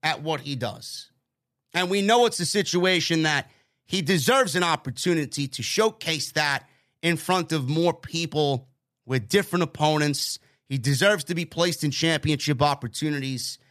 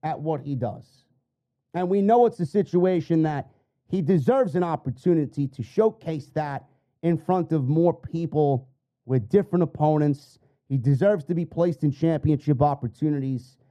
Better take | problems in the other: first | muffled; very; fading above 1.5 kHz

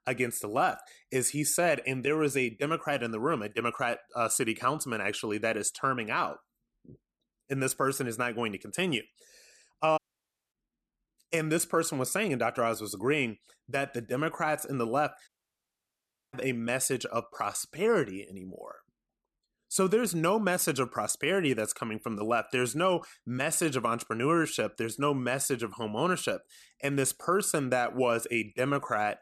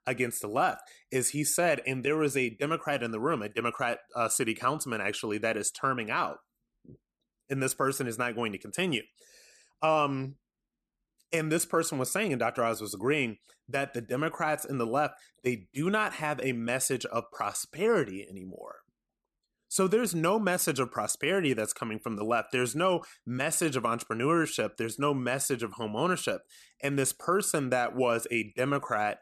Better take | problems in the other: second | audio cutting out; at 10 s for 0.5 s and at 15 s for 1 s

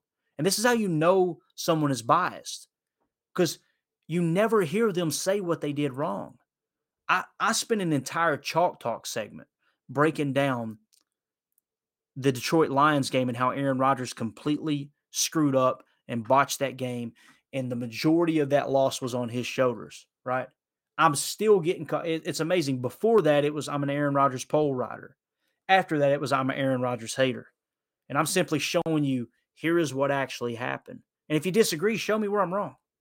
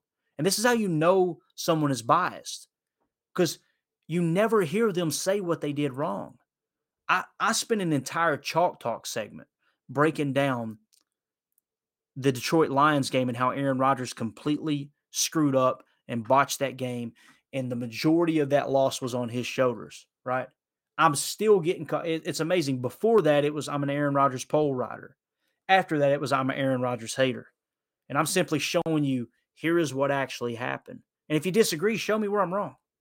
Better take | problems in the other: neither | none

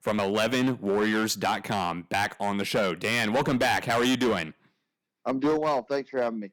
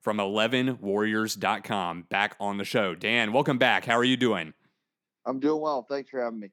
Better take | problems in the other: second | distortion; heavy; 10% of the sound clipped

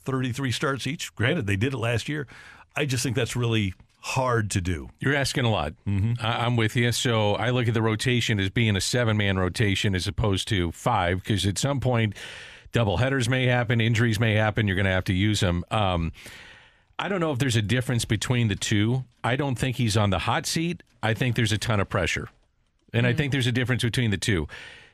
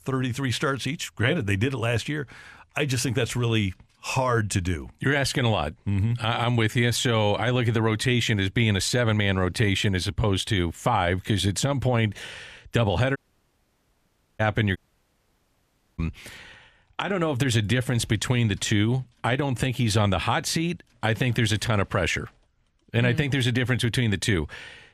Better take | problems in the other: first | audio cutting out; at 13 s for 1 s and at 15 s for 1 s

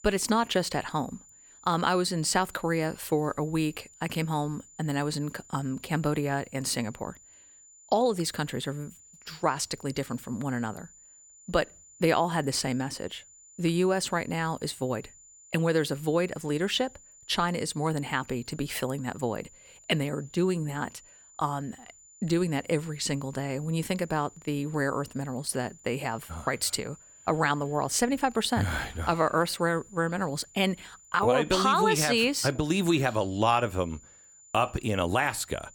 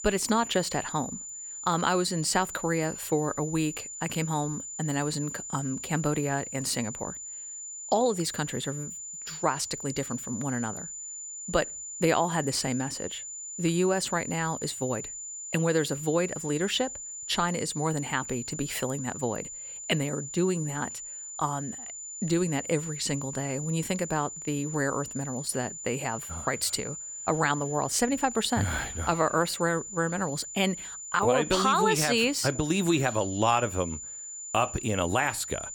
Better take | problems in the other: first | high-pitched whine; loud; throughout; 7 kHz, 8 dB below the speech; faint in the first

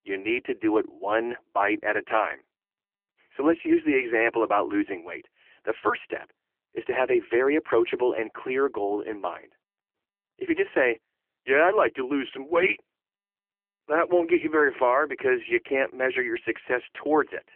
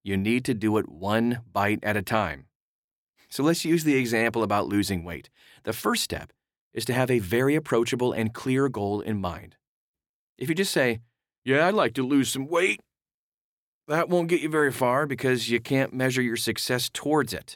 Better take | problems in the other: second | phone-call audio; poor line

